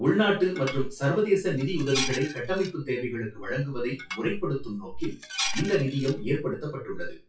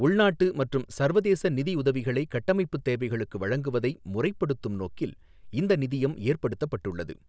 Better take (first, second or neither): second